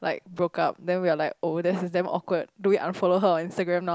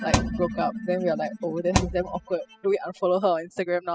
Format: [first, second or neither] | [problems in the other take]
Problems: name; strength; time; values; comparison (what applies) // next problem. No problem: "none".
first | noise reduction (classical method spectral subtraction)